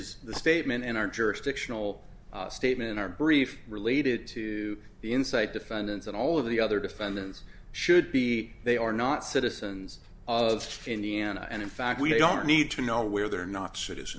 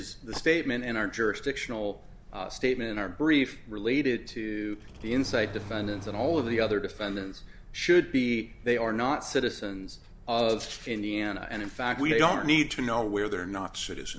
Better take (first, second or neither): first